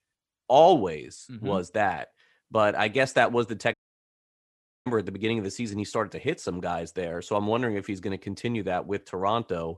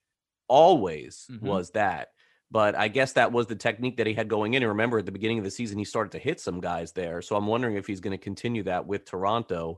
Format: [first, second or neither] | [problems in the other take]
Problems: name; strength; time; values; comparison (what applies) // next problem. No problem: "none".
second | audio cutting out; at 3.5 s for 1 s